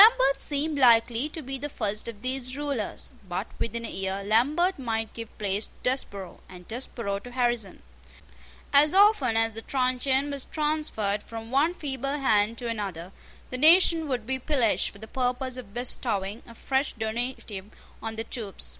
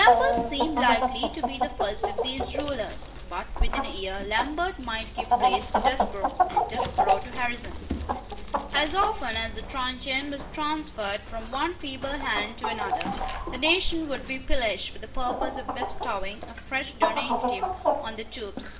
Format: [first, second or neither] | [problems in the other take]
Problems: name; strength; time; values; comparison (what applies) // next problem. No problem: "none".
first | background sound (Chicken, rooster); as loud as the speech // room echo; dies away in 0.6 s